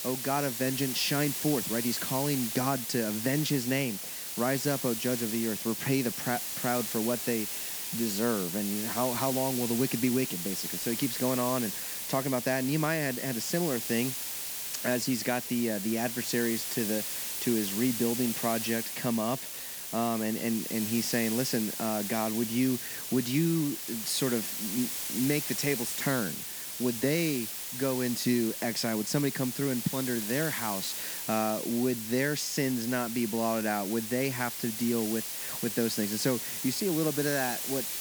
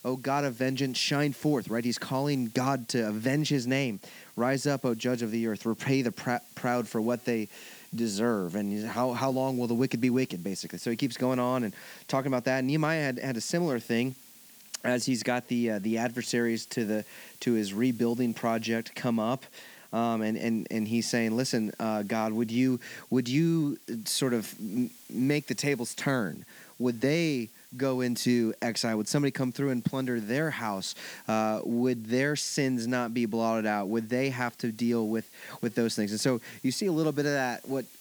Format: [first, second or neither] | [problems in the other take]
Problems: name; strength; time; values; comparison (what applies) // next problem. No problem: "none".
second | hiss; loud; throughout; 3 dB below the speech; faint in the second